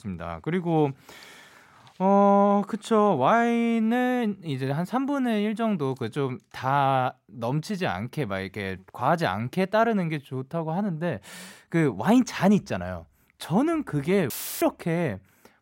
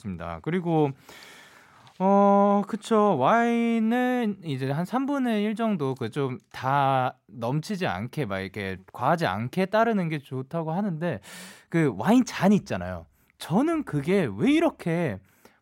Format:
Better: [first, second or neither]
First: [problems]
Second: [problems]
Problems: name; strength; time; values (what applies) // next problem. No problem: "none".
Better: second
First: audio cutting out; filled with static; at 14 s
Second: none